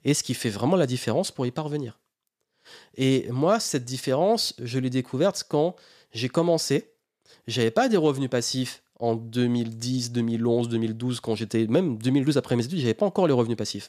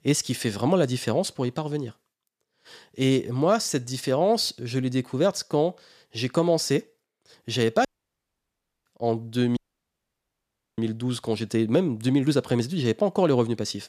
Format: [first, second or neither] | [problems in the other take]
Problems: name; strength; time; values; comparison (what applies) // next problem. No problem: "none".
first | audio cutting out; at 8 s for 1 s and at 9.5 s for 1 s